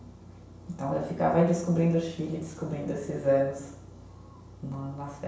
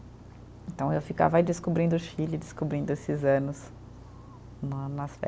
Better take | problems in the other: second | room echo; dies away in 0.7 s

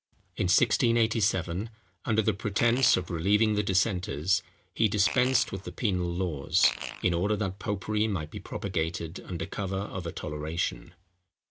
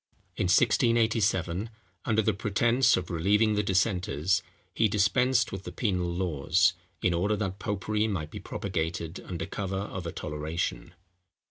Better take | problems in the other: second | background sound (Fart); 11 dB below the speech

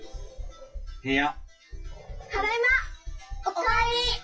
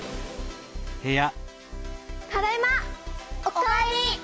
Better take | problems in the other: second | noise reduction (classical method WPE with log-MMSE)

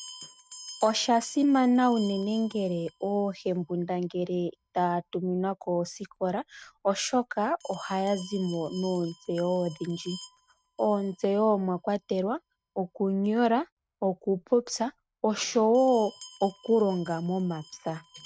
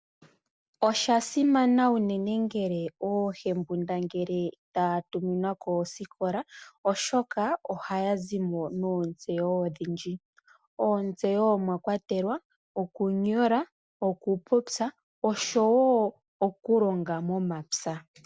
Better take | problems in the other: second | noise reduction (neural mask model RNNoise)

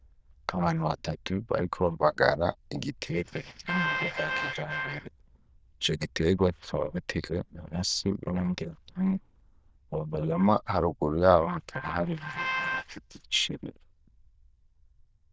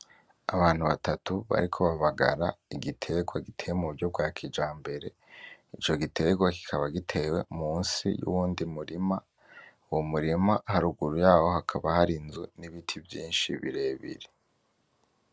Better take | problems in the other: second | noise reduction (neural diffusion model UNIVERSE++)

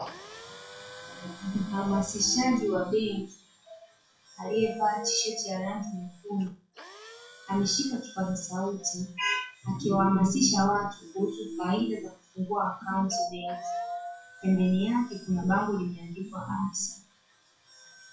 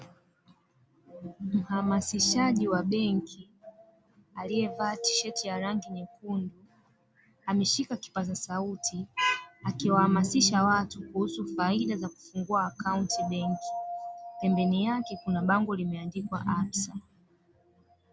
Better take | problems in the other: second | noise reduction (classical method WPE with log-MMSE)

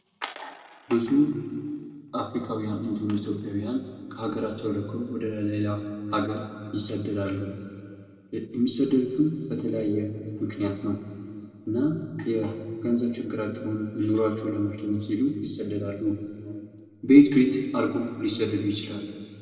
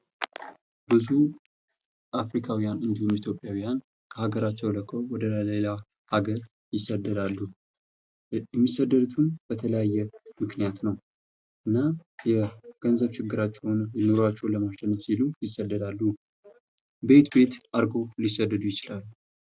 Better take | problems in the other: second | room echo; dies away in 1.9 s

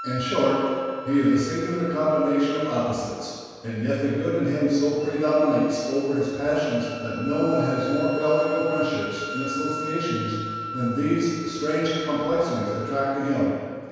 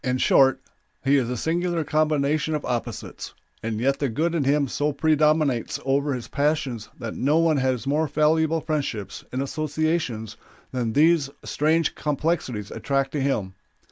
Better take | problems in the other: second | background sound (Wind instrument, woodwind instrument); 13 dB below the speech // room echo; dies away in 1.9 s

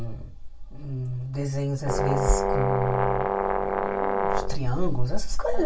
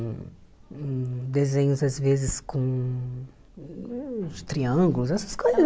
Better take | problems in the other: second | background sound (Brass instrument); 1 dB below the speech // room echo; dies away in 0.2 s

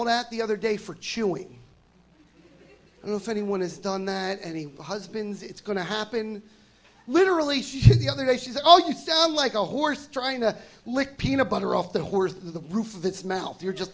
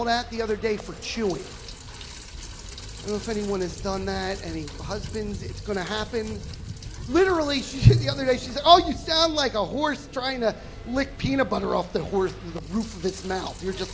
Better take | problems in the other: first | background sound (Vehicle + Rain); 12 dB below the speech

